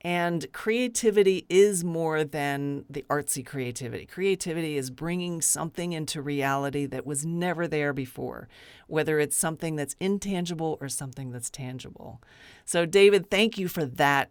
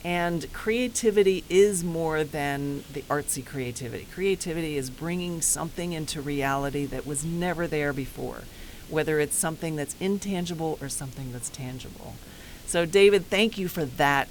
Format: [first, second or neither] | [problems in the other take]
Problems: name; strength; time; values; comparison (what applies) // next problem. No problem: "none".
first | hiss; noticeable; throughout; 20 dB below the speech